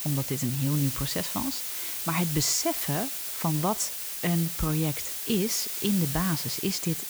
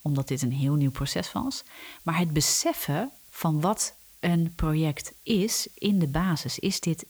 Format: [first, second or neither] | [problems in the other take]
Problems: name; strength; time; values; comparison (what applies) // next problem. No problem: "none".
second | hiss; loud; throughout; 2 dB below the speech; faint in the second